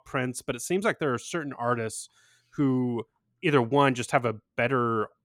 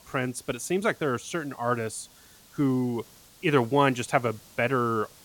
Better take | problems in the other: first | hiss; faint; throughout; 25 dB below the speech

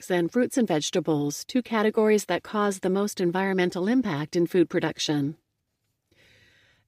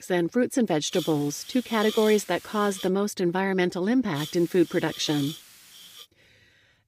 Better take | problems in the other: first | hiss; noticeable; from 1 to 3 s and from 4 to 6 s; 15 dB below the speech

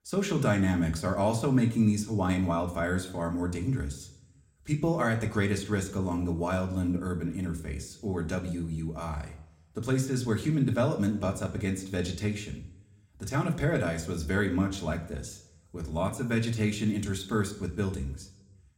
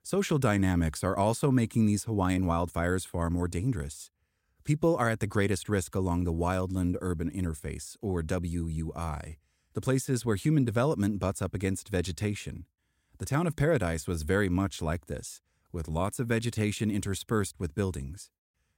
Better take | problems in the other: second | room echo; very slight; dies away in 0.6 s // off-mic speech; somewhat distant

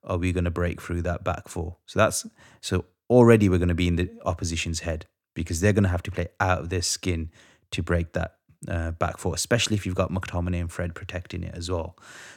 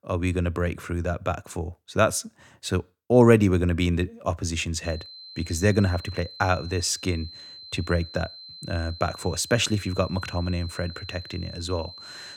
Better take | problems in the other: first | high-pitched whine; noticeable; from 5 s on; 4 kHz, 15 dB below the speech

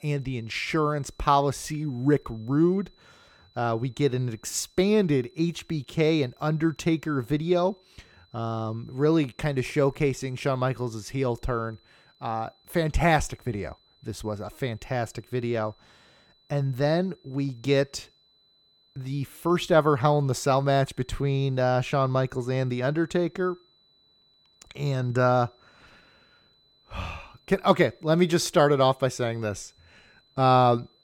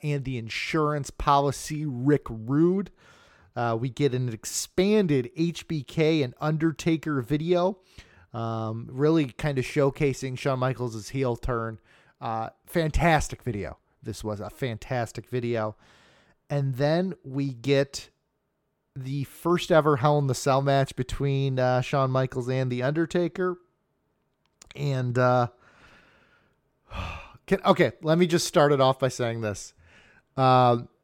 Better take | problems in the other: second | high-pitched whine; faint; throughout; 4 kHz, 35 dB below the speech

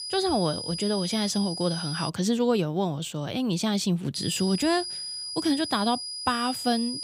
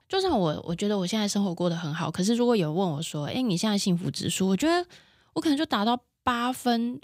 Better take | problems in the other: second | high-pitched whine; loud; until 2 s and from 4 s on; 5 kHz, 6 dB below the speech

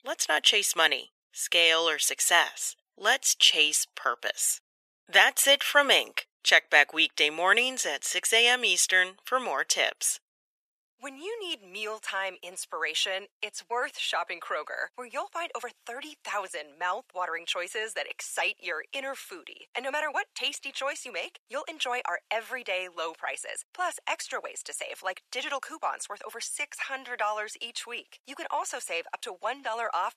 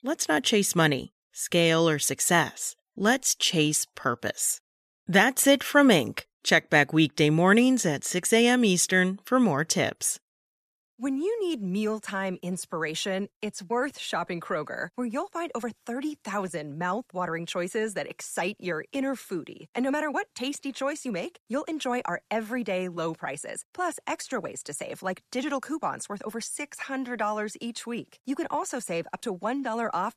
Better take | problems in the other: second | thin; very; fading below 550 Hz

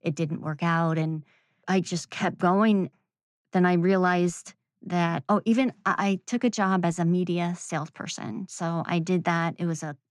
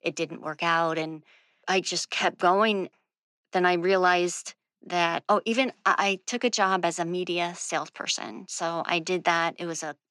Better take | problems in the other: first | thin; somewhat; fading below 450 Hz

